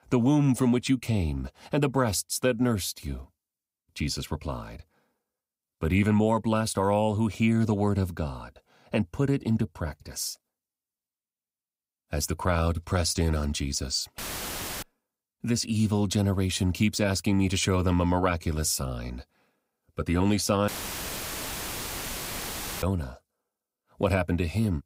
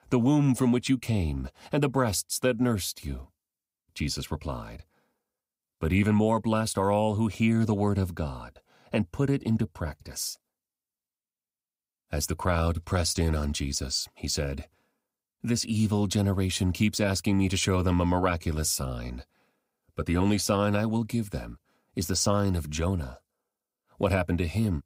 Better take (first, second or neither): second